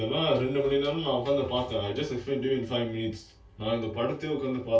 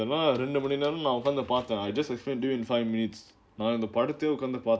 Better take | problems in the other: second | room echo; dies away in 0.2 s

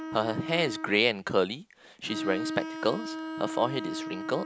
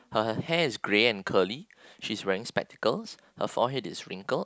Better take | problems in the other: second | background sound (Bowed string instrument); 7 dB below the speech

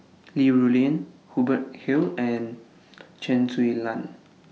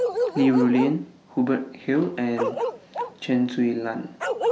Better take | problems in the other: first | background sound (Bark); 5 dB below the speech

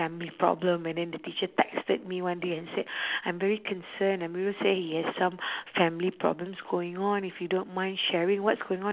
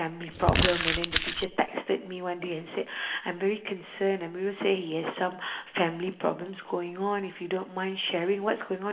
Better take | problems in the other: first | background sound (Crumpling, crinkling); 2 dB above the speech // room echo; dies away in 0.7 s

